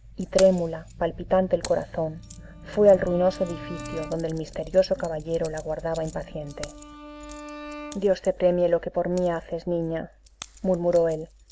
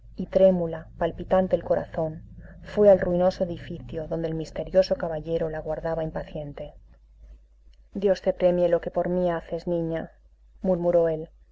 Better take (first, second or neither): second